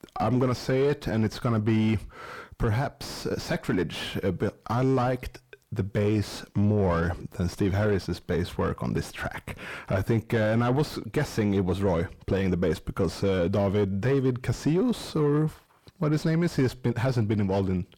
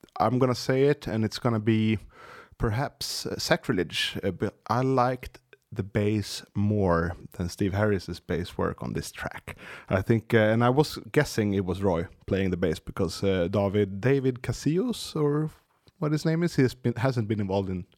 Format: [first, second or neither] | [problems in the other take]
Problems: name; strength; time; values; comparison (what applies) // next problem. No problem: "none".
second | distortion; heavy; 7 dB below the speech